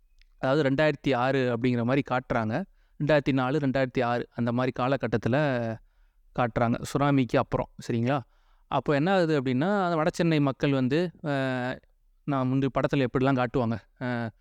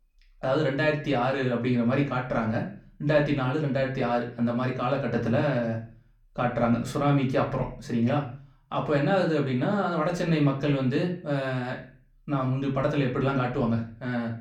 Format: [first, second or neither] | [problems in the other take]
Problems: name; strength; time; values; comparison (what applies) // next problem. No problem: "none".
first | room echo; slight; dies away in 0.4 s // off-mic speech; far